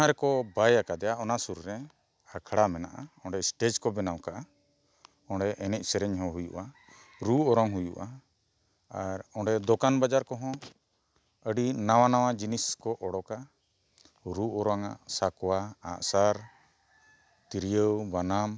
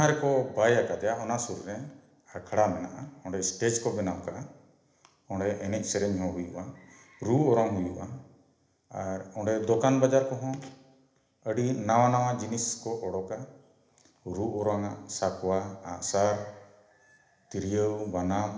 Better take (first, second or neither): first